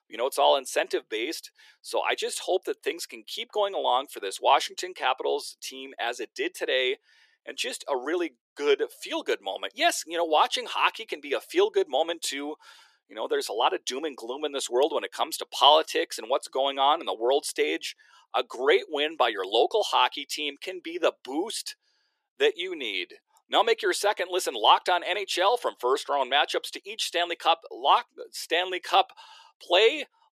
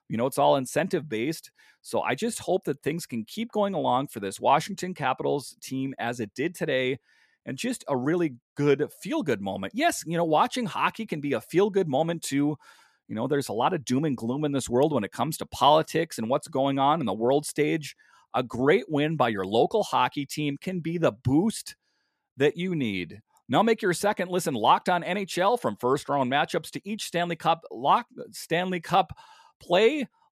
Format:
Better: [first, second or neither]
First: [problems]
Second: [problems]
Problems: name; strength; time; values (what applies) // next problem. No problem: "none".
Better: second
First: thin; very; fading below 350 Hz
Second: none